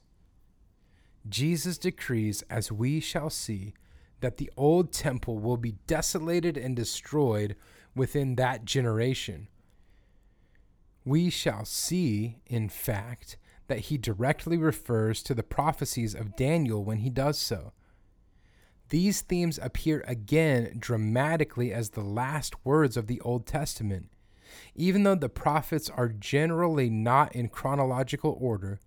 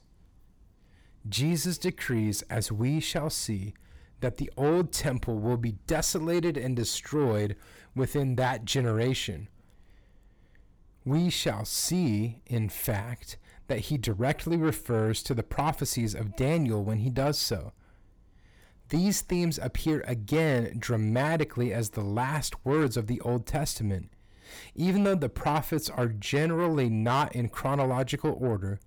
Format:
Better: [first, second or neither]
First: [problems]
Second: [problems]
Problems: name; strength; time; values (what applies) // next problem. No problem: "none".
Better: first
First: none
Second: distortion; slight; 10 dB below the speech